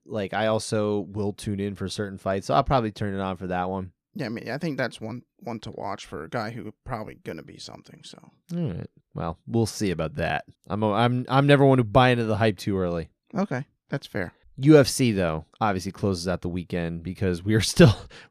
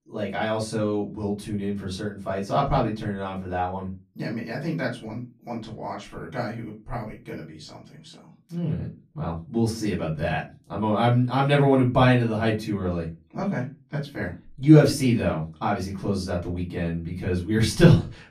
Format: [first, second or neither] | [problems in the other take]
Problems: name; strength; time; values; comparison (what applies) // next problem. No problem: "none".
first | off-mic speech; far // room echo; very slight; dies away in 0.2 s